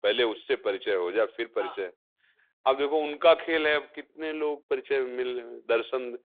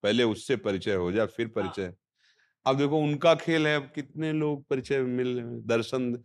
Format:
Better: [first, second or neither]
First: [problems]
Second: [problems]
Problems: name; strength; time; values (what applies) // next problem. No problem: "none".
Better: second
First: phone-call audio; nothing above 3.5 kHz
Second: none